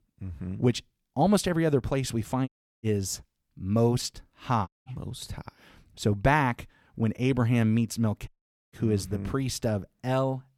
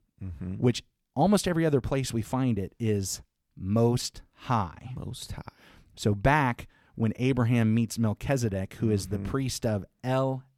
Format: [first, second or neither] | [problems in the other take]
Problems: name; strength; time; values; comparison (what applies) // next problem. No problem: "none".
second | audio cutting out; at 2.5 s, at 4.5 s and at 8.5 s